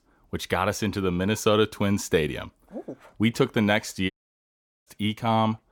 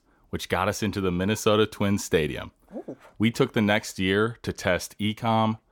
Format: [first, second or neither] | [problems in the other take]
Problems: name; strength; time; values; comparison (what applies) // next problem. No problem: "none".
second | audio cutting out; at 4 s for 1 s